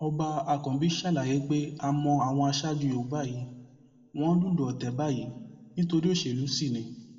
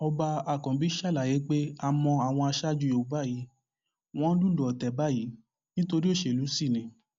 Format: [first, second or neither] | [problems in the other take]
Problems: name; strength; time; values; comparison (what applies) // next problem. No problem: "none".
second | room echo; dies away in 1 s